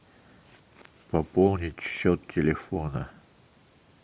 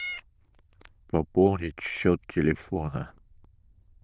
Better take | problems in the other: first | noise reduction (neural diffusion model UNIVERSE++)

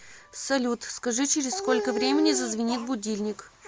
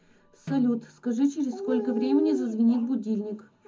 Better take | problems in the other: first | background sound (Snare drum); 19 dB below the speech // room echo; dies away in 0.4 s

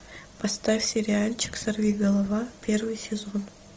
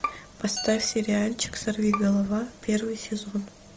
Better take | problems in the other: first | background sound (Glass + Bowed string instrument); 12 dB below the speech

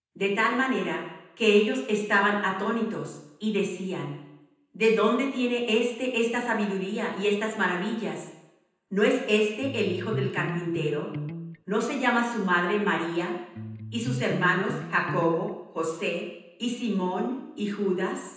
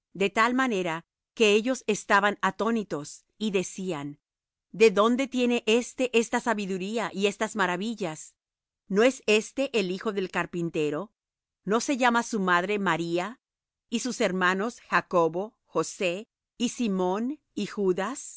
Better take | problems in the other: second | background sound (Electric guitar); 8 dB below the speech // room echo; dies away in 0.9 s

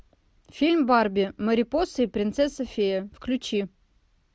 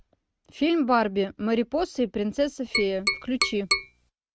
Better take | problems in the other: first | noise reduction (neural mask model RNNoise)

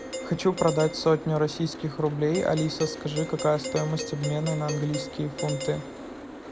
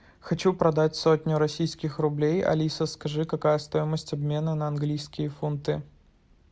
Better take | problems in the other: second | background sound (Boat, Water vehicle + Doorbell); 9 dB below the speech

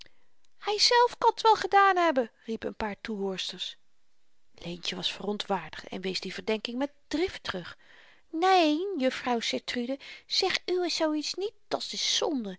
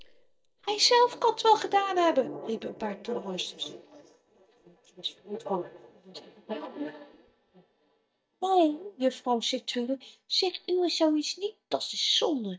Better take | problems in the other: first | noise reduction (neural mask model DeepFilterNet 3)

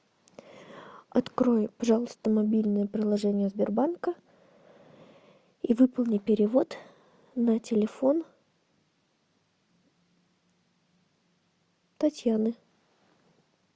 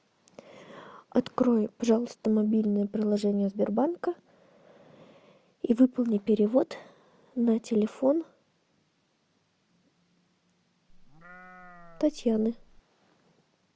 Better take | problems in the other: first | background sound (Livestock, farm animals, working animals); 19 dB below the speech

